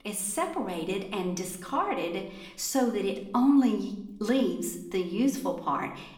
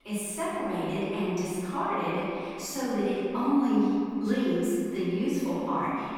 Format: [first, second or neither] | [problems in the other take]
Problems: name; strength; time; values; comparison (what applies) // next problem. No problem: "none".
first | room echo; strong; dies away in 2.4 s; slight in the first // off-mic speech; far; somewhat distant in the first